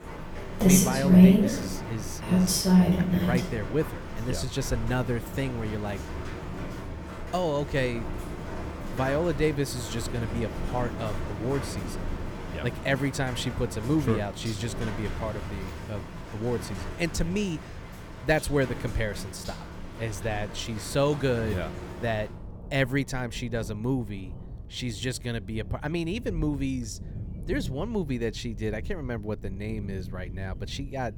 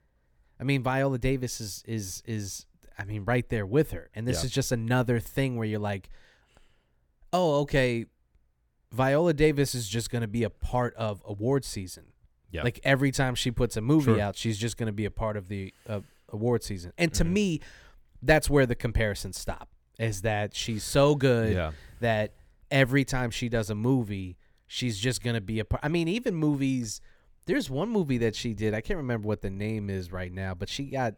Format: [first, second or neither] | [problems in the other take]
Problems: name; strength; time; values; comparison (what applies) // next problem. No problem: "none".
second | rain or running water; very loud; throughout; 1 dB above the speech